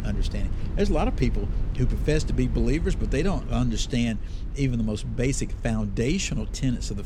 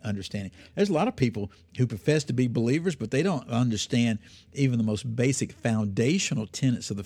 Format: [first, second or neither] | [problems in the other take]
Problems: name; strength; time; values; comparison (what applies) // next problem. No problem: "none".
second | low rumble; noticeable; throughout; 15 dB below the speech